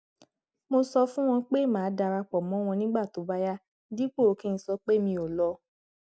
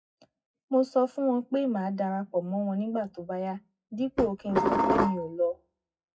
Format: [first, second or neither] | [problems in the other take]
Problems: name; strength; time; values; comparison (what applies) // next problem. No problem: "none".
first | noise reduction (classical method WPE with log-MMSE)